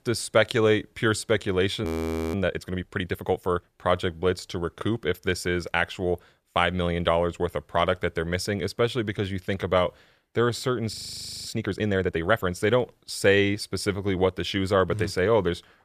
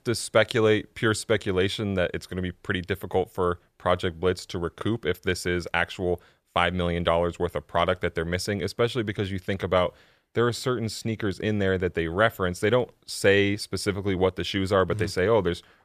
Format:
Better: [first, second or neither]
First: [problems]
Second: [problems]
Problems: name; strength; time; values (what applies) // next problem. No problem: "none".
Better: second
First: audio freezing; at 2 s and at 11 s for 0.5 s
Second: none